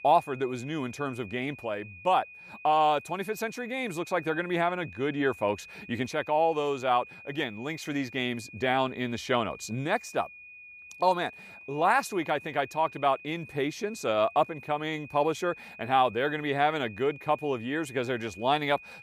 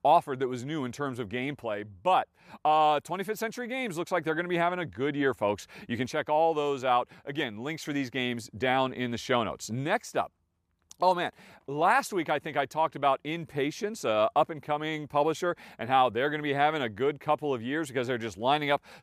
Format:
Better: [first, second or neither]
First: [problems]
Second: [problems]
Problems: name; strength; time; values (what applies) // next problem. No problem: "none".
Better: second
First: high-pitched whine; noticeable; throughout; 2.5 kHz, 15 dB below the speech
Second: none